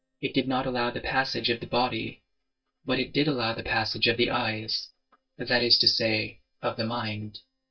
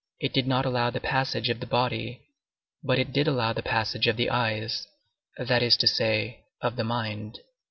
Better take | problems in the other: second | noise reduction (neural mask model DeepFilterNet 3)

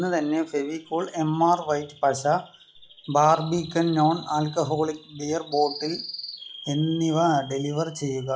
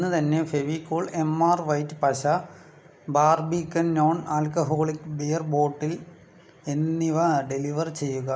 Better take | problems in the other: second | noise reduction (classical method log-MMSE)

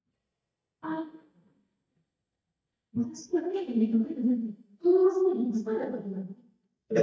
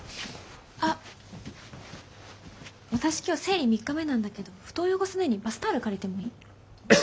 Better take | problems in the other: second | noise reduction (neural mask model DeepFilterNet 3)

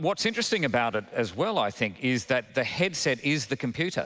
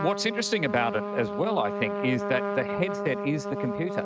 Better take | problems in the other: first | noise reduction (neural mask model RNNoise)

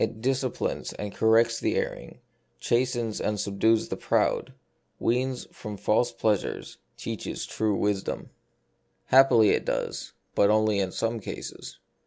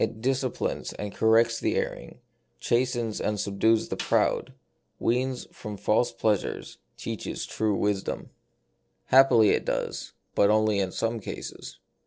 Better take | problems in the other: first | noise reduction (neural separator model SepFormer DNS4)

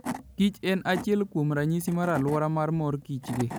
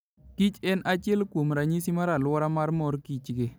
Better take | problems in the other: second | background sound (Wood / Tools); 13 dB below the speech

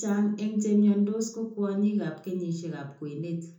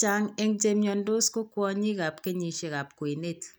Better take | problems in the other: second | room echo; dies away in 0.5 s

